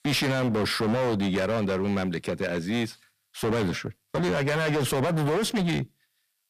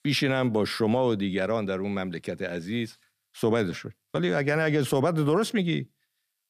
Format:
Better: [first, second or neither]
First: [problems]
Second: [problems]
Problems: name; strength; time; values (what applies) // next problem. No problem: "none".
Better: second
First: distortion; heavy; 24% of the sound clipped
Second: none